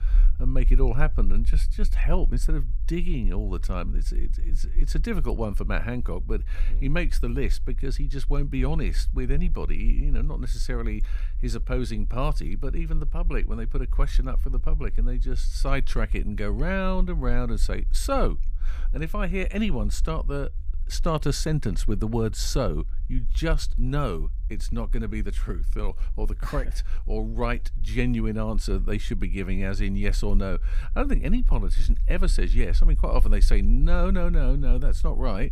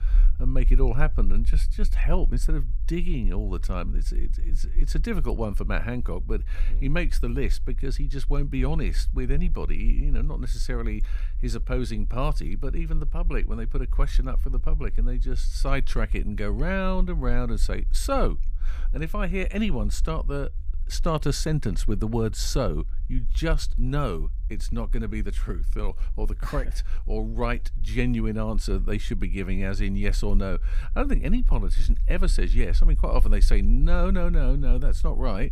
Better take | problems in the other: neither | low rumble; faint; throughout; 20 dB below the speech; the same in both

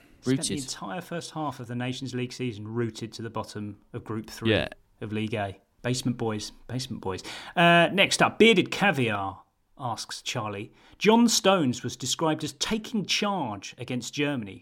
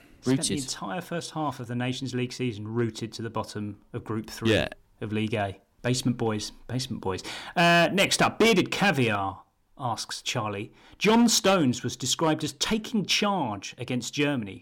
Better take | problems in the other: first | distortion; slight; 3% of the sound clipped

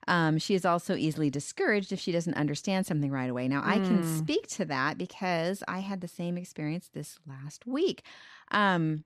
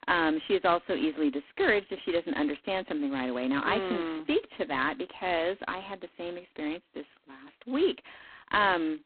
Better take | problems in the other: first | phone-call audio; poor line; nothing above 4 kHz

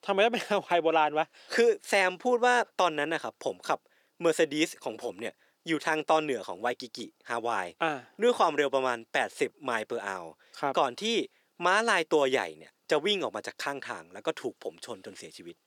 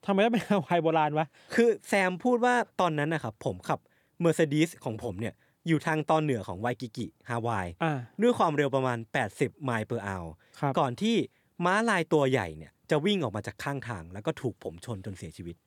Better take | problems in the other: second | thin; somewhat; fading below 400 Hz

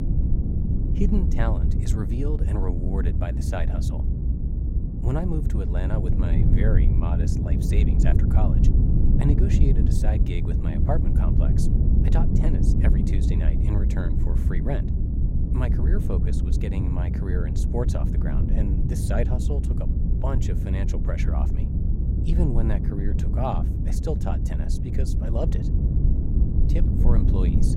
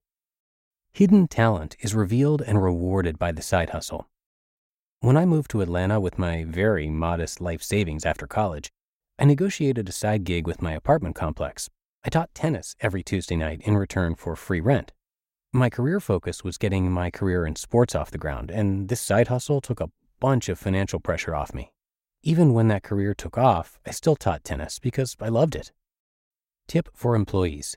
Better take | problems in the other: second | low rumble; loud; throughout; 1 dB below the speech

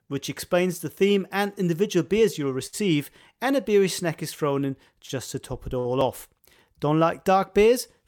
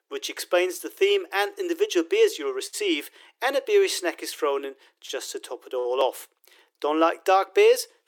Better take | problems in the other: first | thin; very; fading below 300 Hz

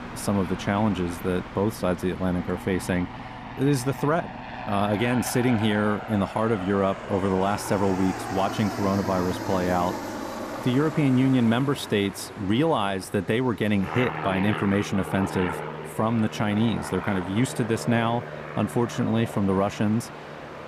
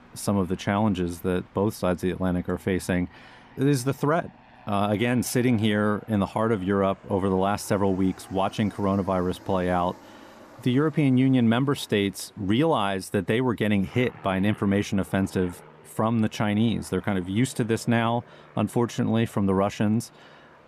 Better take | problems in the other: second | train or aircraft noise; loud; throughout; 9 dB below the speech; faint in the second

